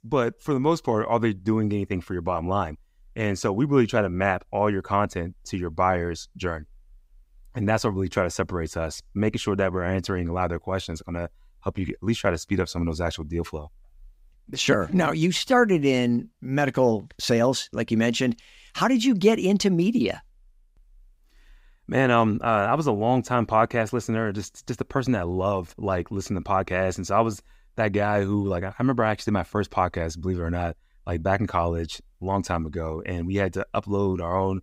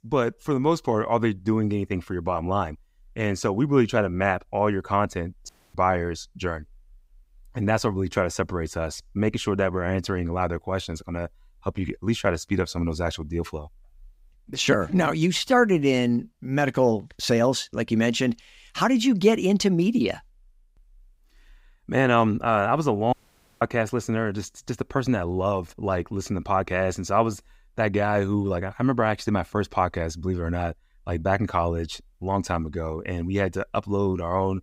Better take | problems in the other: first | audio cutting out; at 5.5 s and at 23 s

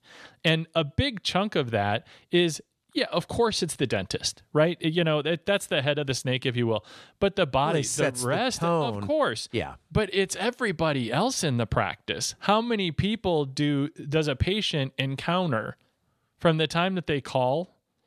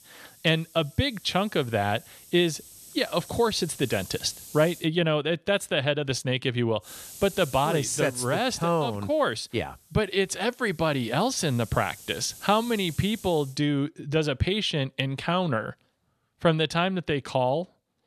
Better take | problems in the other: first | hiss; noticeable; until 5 s and from 7 to 14 s; 20 dB below the speech

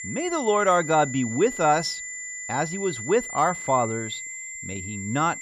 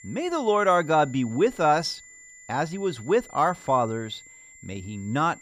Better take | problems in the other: second | high-pitched whine; loud; throughout; 2 kHz, 9 dB below the speech; faint in the second

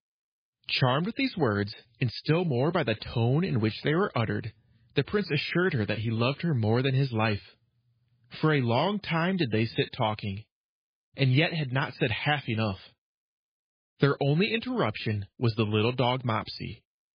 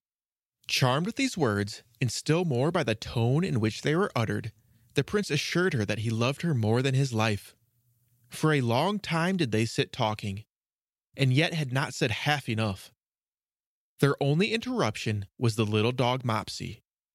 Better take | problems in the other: second | garbled, watery; badly; nothing above 4 kHz

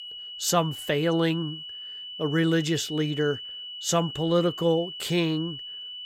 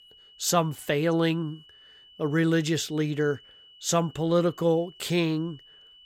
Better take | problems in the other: second | high-pitched whine; loud; throughout; 3 kHz, 10 dB below the speech; faint in the second

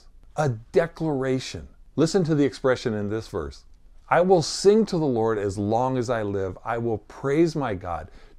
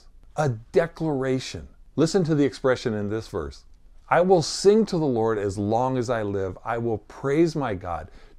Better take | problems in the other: neither | none

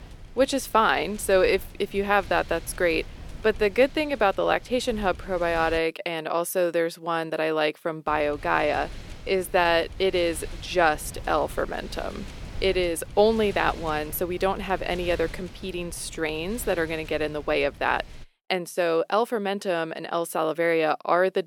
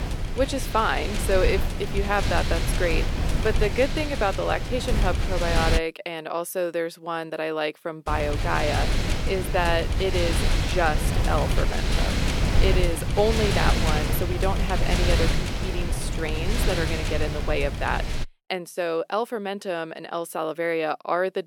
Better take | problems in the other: first | wind noise on the microphone; heavy; until 6 s and from 8 to 18 s; 4 dB below the speech; occasional gusts in the first

